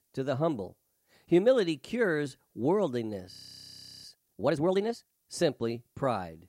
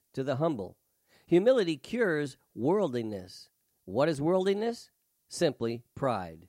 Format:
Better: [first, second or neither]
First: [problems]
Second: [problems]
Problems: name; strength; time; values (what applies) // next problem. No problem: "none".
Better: second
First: audio freezing; at 3.5 s for 0.5 s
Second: none